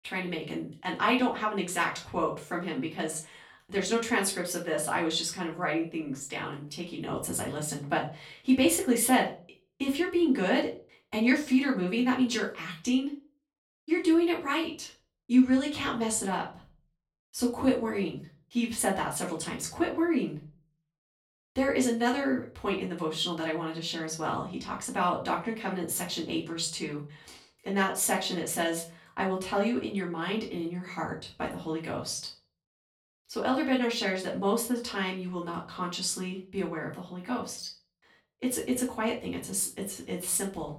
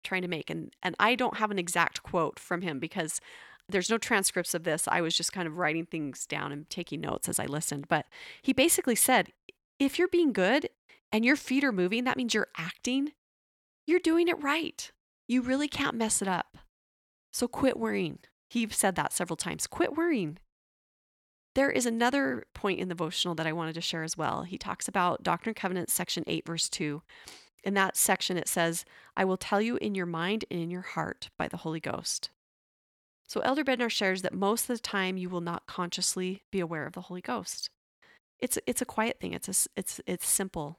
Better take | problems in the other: second | off-mic speech; far // room echo; slight; dies away in 0.3 s

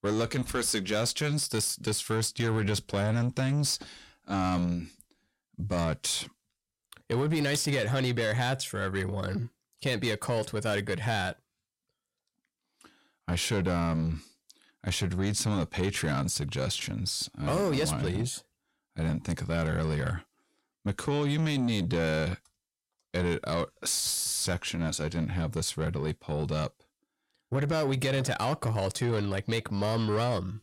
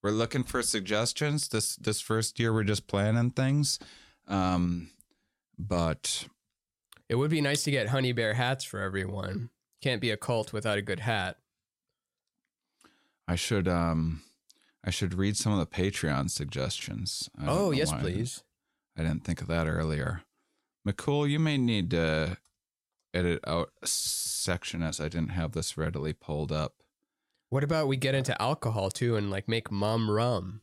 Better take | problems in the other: second | distortion; slight; 10 dB below the speech

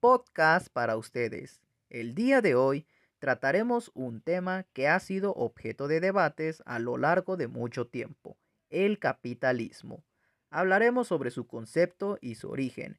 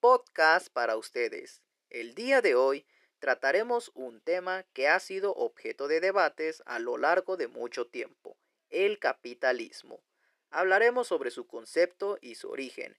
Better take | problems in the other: first | thin; somewhat; fading below 350 Hz

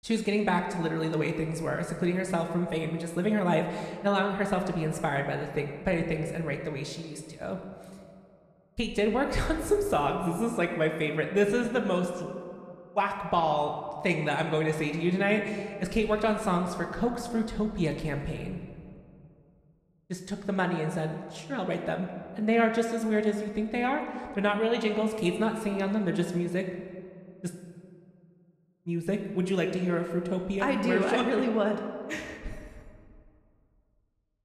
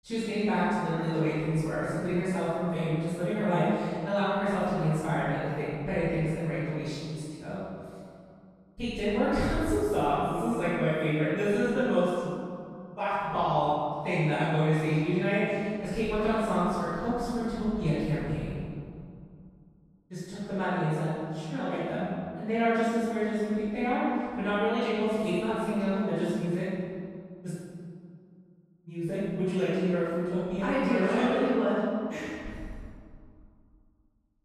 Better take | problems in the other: first | room echo; strong; dies away in 2.1 s; slight in the first // off-mic speech; far

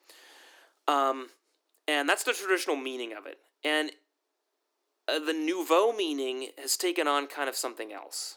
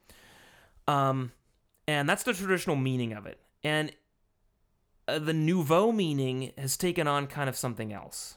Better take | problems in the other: second | thin; somewhat; fading below 300 Hz

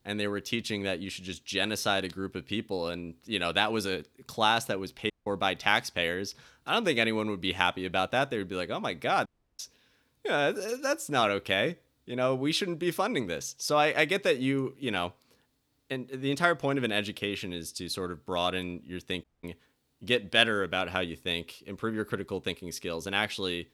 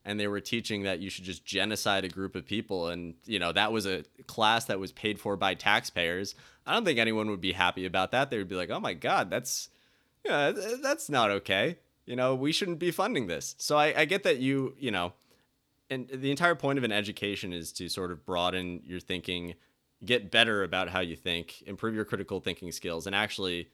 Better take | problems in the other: second | audio cutting out; at 5 s, at 9.5 s and at 19 s

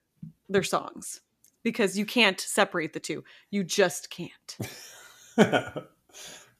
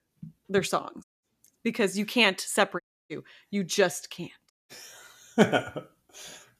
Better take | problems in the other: first | audio cutting out; at 1 s, at 3 s and at 4.5 s

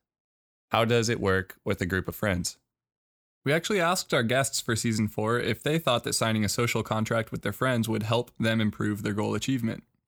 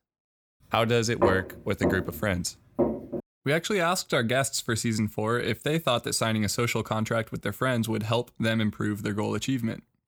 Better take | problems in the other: first | footsteps; noticeable; from 1 to 3 s; peak level with the speech

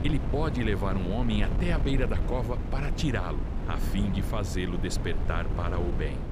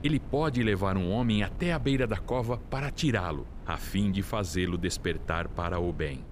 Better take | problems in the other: second | wind noise on the microphone; heavy; 6 dB below the speech; occasional gusts in the second

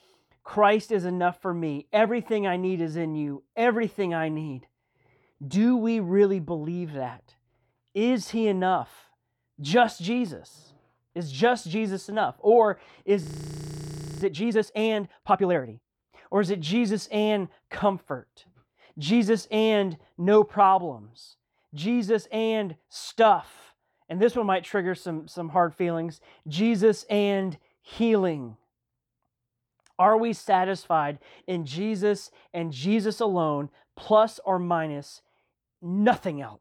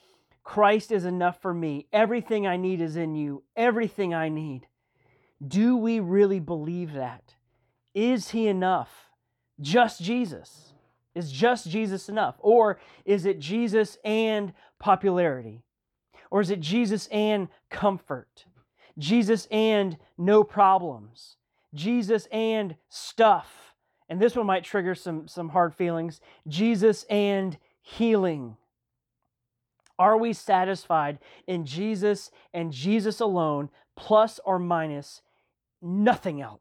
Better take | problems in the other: second | audio freezing; at 13 s for 1 s

